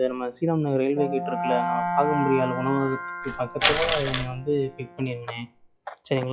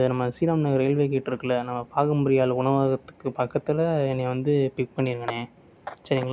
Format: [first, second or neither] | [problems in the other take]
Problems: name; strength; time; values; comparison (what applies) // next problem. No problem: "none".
second | noise reduction (classical method log-MMSE)